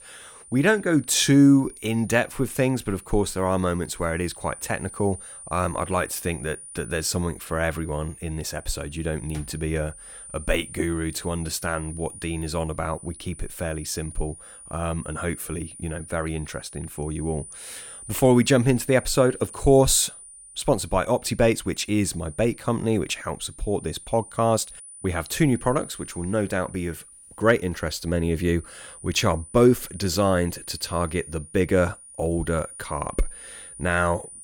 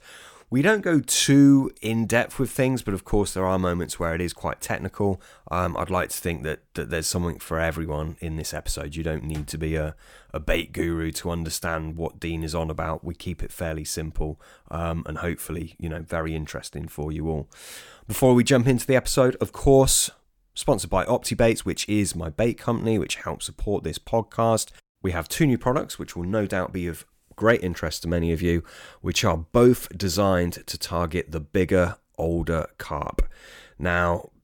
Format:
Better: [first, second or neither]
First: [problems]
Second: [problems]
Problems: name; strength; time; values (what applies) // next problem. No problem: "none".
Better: second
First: high-pitched whine; noticeable; throughout; 9.5 kHz, 15 dB below the speech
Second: none